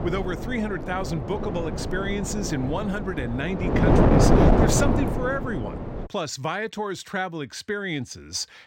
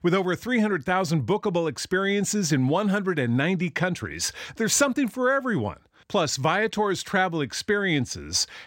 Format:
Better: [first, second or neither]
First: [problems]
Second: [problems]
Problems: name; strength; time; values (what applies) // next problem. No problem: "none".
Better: second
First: wind noise on the microphone; heavy; until 6 s; 3 dB above the speech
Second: none